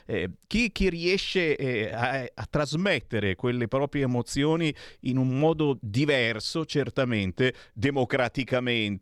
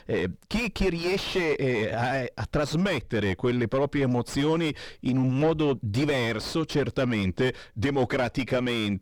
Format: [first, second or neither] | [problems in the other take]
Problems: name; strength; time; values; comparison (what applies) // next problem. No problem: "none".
first | distortion; heavy; 6 dB below the speech